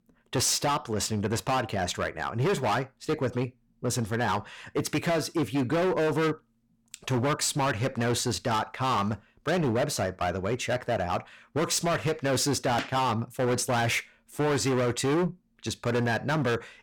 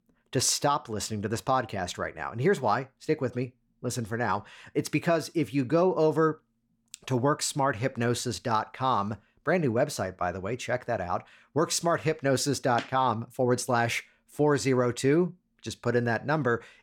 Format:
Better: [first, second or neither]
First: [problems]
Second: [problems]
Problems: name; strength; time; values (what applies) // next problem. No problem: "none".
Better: second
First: distortion; heavy; 18% of the sound clipped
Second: none